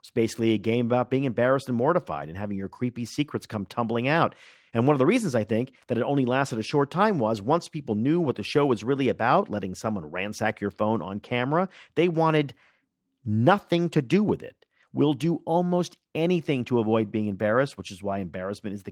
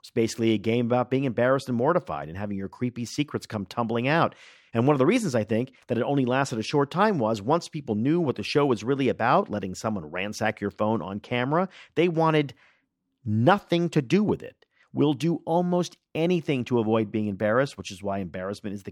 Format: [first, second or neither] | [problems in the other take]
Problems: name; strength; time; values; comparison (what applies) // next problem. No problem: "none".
second | garbled, watery; slightly; nothing above 17.5 kHz